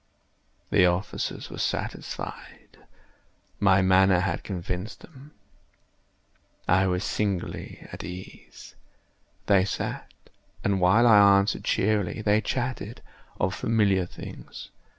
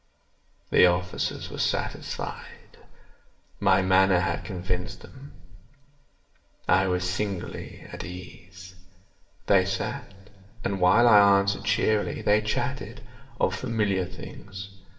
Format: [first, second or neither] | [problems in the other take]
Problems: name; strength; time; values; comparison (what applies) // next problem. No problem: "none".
first | room echo; dies away in 2.4 s